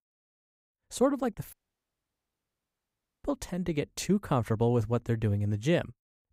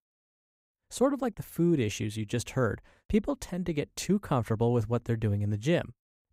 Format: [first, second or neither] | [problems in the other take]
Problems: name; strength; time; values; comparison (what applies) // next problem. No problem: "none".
second | audio cutting out; at 1.5 s for 1.5 s